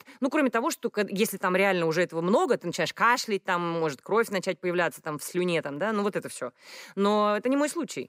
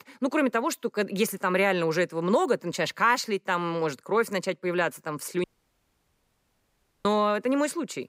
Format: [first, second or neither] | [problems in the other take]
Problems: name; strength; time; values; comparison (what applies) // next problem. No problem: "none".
first | audio cutting out; at 5.5 s for 1.5 s